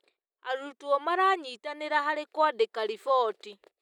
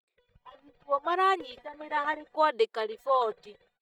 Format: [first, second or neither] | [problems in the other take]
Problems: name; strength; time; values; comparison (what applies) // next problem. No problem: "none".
first | noise reduction (neural mask model DeepFilterNet 3)